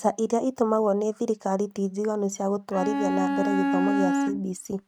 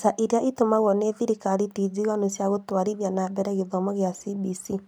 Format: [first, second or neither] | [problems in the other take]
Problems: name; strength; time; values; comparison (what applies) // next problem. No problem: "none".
second | noise reduction (neural mask model RNNoise)